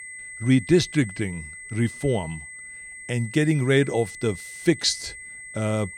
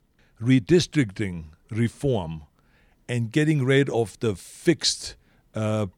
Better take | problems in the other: second | high-pitched whine; noticeable; throughout; 2 kHz, 15 dB below the speech

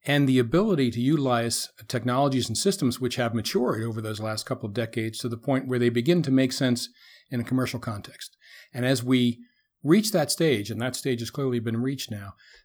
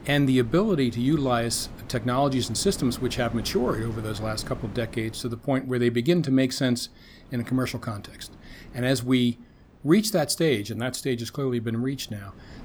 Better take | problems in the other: first | wind noise on the microphone; occasional gusts; 20 dB below the speech

